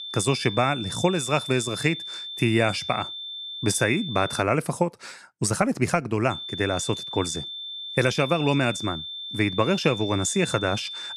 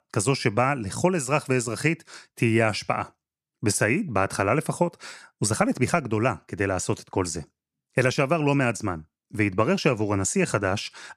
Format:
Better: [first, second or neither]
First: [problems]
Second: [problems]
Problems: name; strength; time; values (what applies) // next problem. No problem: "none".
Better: second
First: high-pitched whine; loud; until 4.5 s and from 6.5 s on; 3.5 kHz, 8 dB below the speech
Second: none